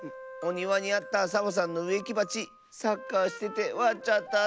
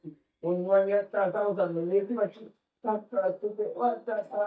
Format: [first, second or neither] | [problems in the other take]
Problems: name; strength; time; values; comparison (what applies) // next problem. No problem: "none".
first | noise reduction (neural mask model DeepFilterNet 3)